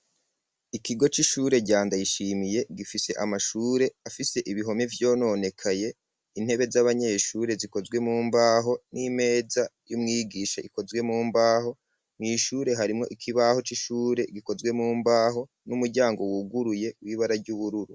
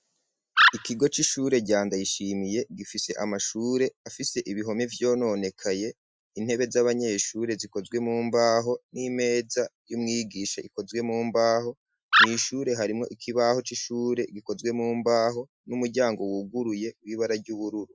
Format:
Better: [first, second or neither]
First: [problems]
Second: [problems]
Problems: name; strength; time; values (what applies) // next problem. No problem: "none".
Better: first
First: none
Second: noise reduction (classical method Wiener filter)